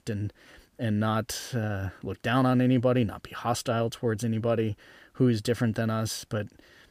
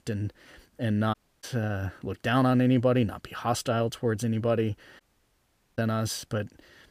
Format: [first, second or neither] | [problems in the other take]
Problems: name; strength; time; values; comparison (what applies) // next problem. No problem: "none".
first | audio cutting out; at 1 s and at 5 s for 1 s